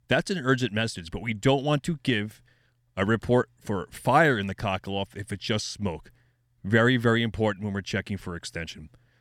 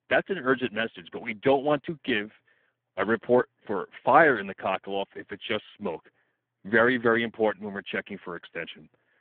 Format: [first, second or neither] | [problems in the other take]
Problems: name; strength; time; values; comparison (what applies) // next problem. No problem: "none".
first | phone-call audio; poor line